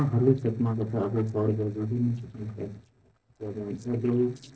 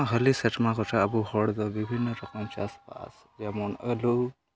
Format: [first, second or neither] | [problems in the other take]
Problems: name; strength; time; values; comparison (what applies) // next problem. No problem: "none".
second | noise reduction (neural separator model SepFormer DNS4)